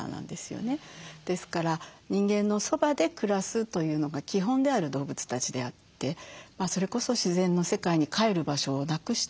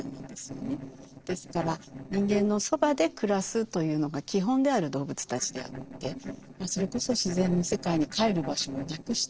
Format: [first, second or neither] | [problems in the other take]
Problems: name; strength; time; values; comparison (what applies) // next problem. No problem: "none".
first | noise reduction (neural separator model SepFormer DNS4)